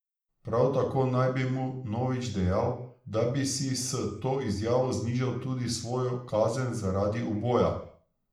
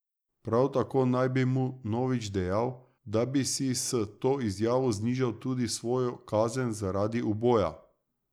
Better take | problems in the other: second | room echo; dies away in 0.5 s

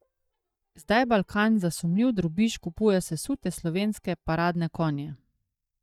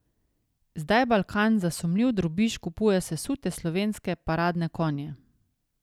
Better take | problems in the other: second | noise reduction (neural mask model DeepFilterNet 3)

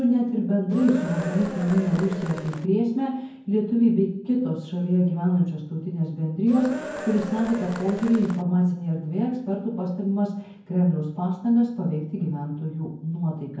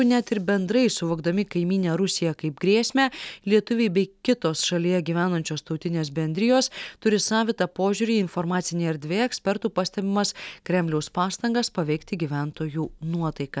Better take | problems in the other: second | background sound (Cheering); 11 dB below the speech // room echo; dies away in 0.9 s

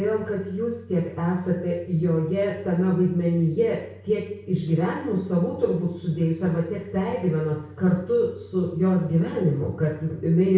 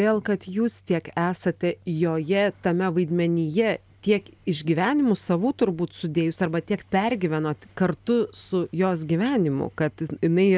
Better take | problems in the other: second | room echo; dies away in 0.6 s

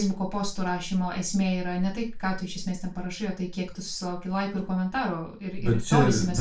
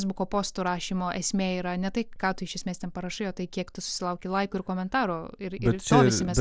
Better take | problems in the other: second | room echo; dies away in 0.3 s

